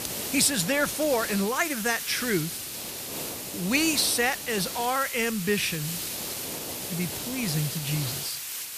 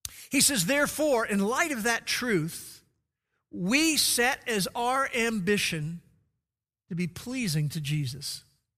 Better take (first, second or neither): second